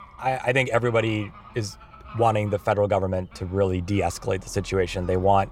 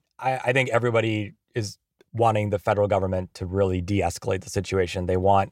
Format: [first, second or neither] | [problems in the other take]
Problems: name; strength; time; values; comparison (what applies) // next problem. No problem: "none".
second | animal sounds; faint; throughout; 20 dB below the speech